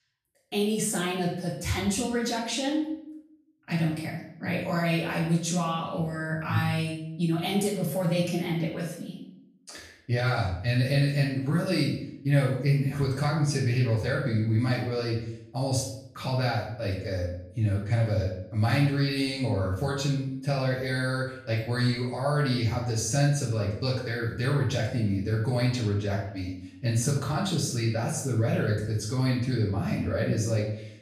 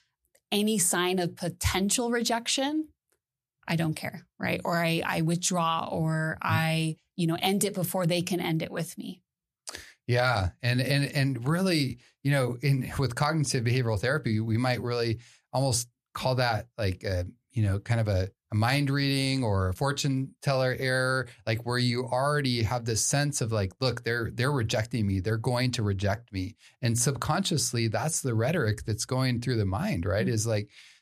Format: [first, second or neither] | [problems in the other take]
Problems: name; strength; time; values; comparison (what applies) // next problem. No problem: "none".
second | off-mic speech; far // room echo; noticeable; dies away in 0.6 s